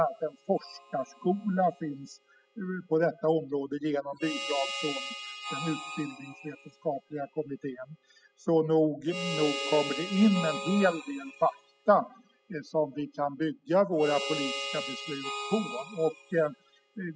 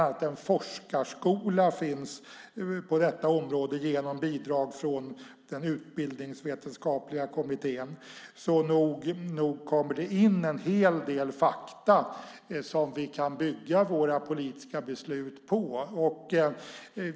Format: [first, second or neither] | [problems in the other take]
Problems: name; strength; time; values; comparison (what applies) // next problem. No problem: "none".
second | noise reduction (classical method spectral subtraction)